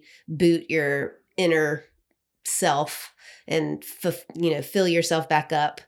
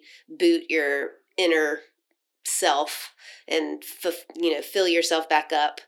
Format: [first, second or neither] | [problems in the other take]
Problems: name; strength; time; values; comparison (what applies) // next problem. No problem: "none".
first | thin; somewhat; fading below 300 Hz